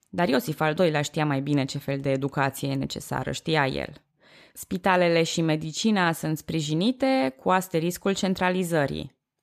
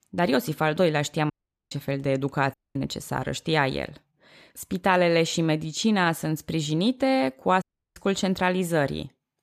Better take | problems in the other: first | audio cutting out; at 1.5 s, at 2.5 s and at 7.5 s

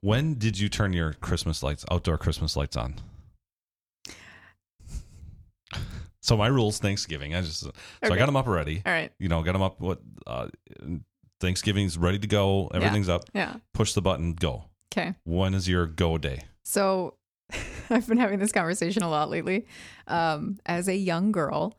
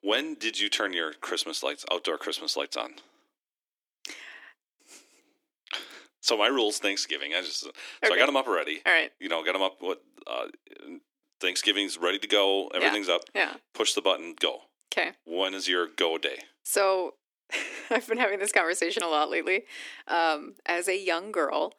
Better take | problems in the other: first | thin; very; fading below 300 Hz

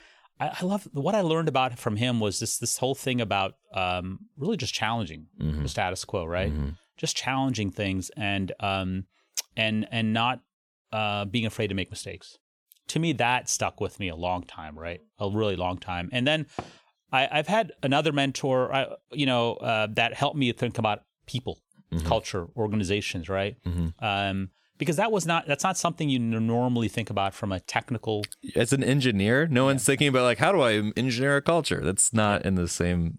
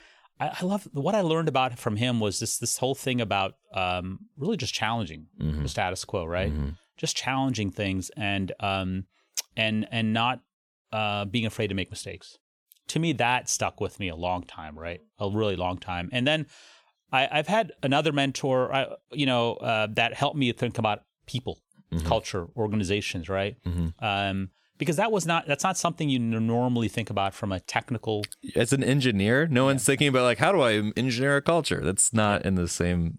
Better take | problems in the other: second | door banging; faint; at 17 s; peak 15 dB below the speech

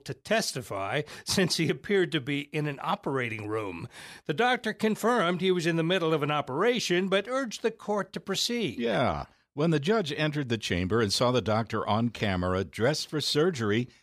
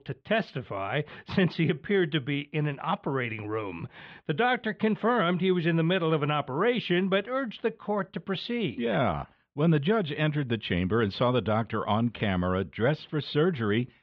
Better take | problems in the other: first | muffled; very; fading above 3.5 kHz

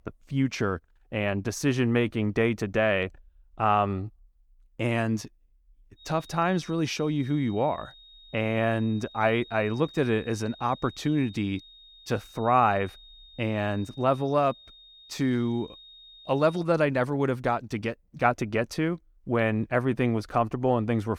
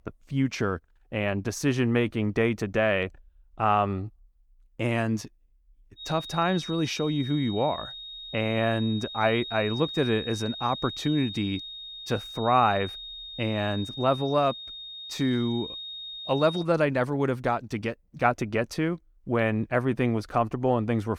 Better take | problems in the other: first | high-pitched whine; loud; from 6 to 17 s; 3.5 kHz, 9 dB below the speech; faint in the first

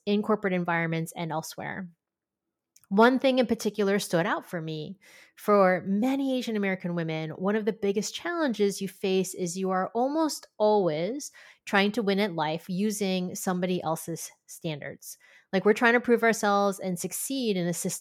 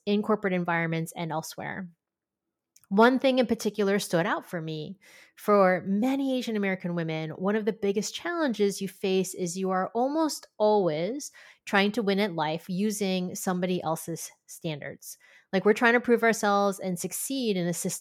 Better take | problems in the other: neither | none

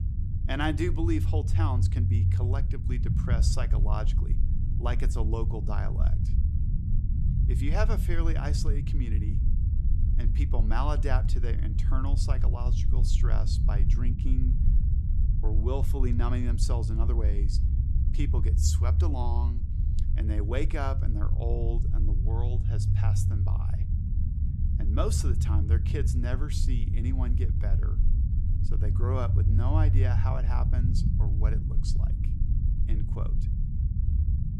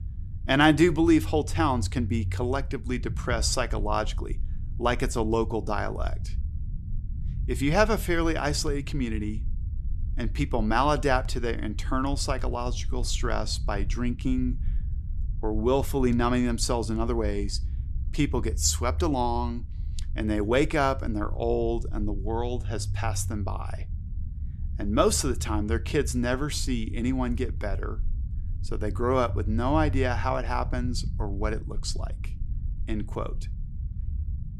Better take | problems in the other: second | low rumble; loud; throughout; 6 dB below the speech; faint in the second

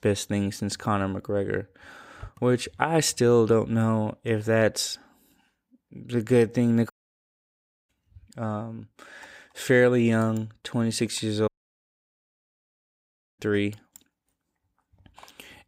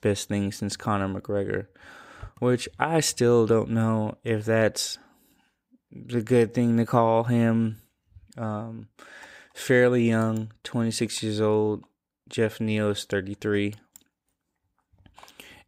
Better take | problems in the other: second | audio cutting out; at 7 s for 1 s and at 11 s for 2 s

